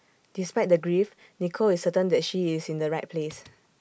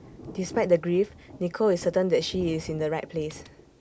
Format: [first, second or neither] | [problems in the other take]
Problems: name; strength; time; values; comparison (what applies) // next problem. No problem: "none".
first | background sound (Thunder / Rain); 17 dB below the speech